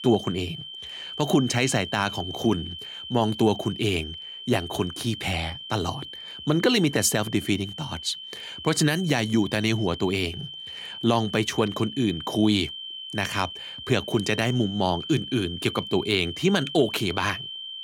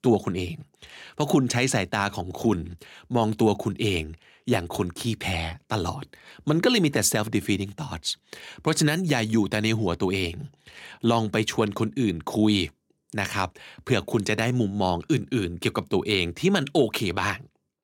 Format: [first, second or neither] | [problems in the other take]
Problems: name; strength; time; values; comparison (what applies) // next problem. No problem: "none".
second | high-pitched whine; noticeable; throughout; 3 kHz, 10 dB below the speech